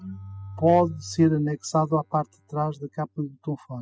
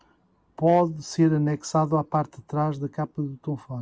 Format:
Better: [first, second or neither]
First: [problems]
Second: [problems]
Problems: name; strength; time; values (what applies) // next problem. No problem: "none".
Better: second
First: noise reduction (classical method spectral subtraction)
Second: none